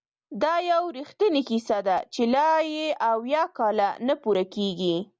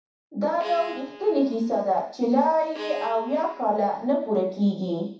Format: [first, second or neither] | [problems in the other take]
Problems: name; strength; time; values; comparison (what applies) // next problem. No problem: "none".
first | background sound (Bowed string instrument); 16 dB below the speech // room echo; dies away in 0.7 s